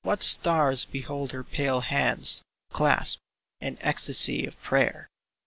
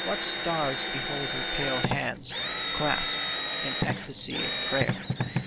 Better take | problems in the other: first | background sound (Drill); 3 dB above the speech

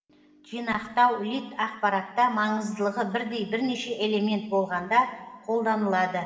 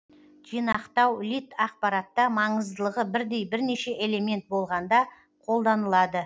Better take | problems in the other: second | room echo; dies away in 2.2 s

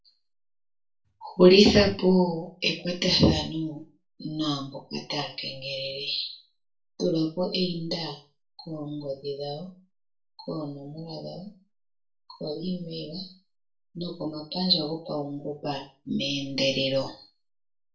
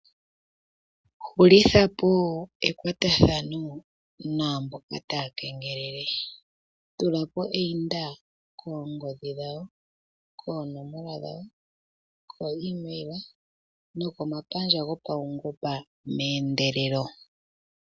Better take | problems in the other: second | room echo; dies away in 0.3 s

